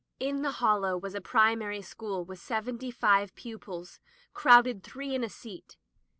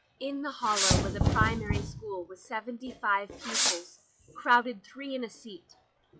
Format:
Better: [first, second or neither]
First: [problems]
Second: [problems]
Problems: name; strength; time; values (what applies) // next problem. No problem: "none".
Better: first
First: none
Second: noise reduction (classical method log-MMSE)